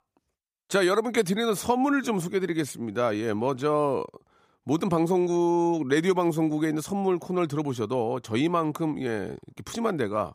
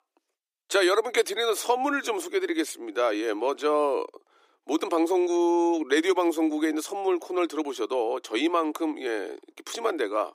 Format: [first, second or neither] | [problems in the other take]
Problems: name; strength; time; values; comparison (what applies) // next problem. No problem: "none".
first | thin; somewhat; fading below 300 Hz